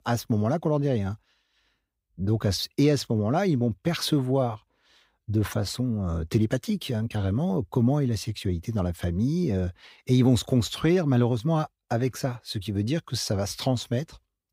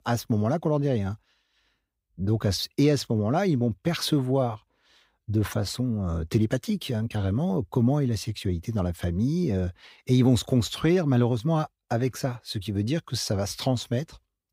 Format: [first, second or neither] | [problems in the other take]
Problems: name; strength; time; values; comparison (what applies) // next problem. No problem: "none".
neither | none